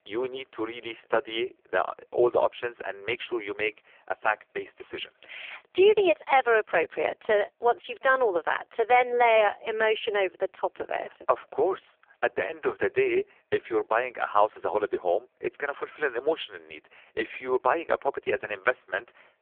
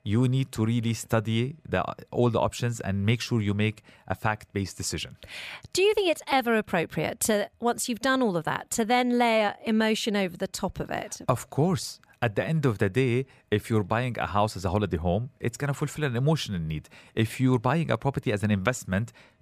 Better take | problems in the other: second | phone-call audio; poor line; nothing above 3.5 kHz

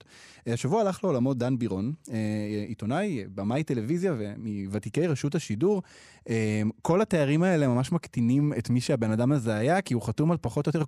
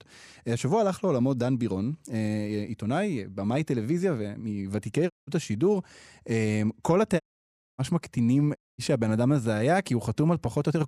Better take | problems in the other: first | audio cutting out; at 5 s, at 7 s for 0.5 s and at 8.5 s

